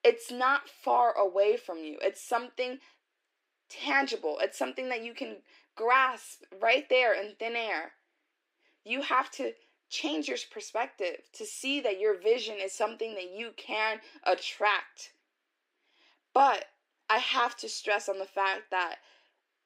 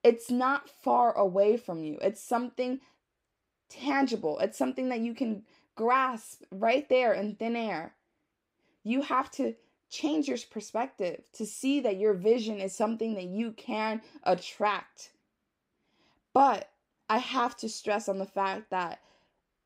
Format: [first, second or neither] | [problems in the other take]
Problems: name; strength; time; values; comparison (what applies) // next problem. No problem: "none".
second | thin; somewhat; fading below 300 Hz